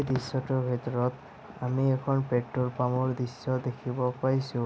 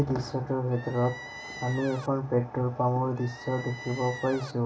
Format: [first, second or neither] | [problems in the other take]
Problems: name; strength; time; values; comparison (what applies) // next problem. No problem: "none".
first | background sound (Squeak); 13 dB below the speech // room echo; dies away in 0.2 s